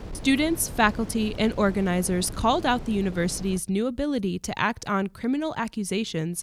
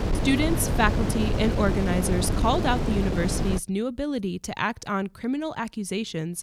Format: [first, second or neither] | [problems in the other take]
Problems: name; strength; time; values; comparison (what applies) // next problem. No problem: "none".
first | wind noise on the microphone; heavy; until 3.5 s; 4 dB below the speech; occasional gusts in the first